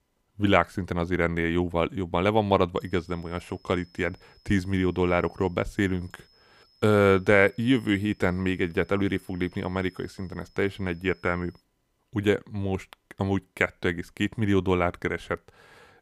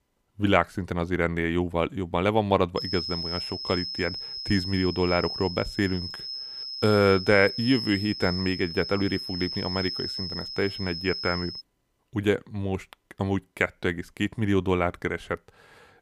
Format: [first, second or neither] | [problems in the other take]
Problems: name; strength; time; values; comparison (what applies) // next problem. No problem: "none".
first | high-pitched whine; loud; from 3 to 12 s; 5 kHz, 6 dB below the speech; faint in the first